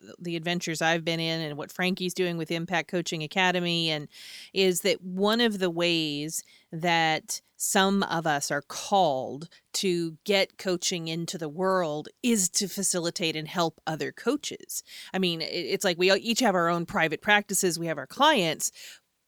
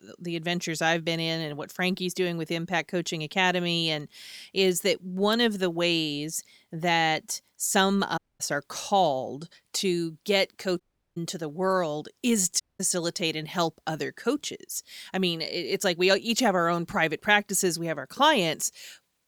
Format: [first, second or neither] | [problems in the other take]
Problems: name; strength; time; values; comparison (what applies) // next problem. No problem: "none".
first | audio cutting out; at 8 s, at 11 s and at 13 s